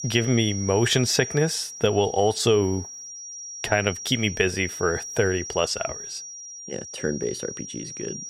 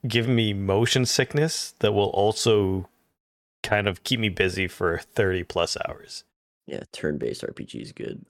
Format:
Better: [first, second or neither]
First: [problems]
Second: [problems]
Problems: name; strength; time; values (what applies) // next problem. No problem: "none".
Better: second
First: high-pitched whine; noticeable; throughout; 5.5 kHz, 10 dB below the speech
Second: none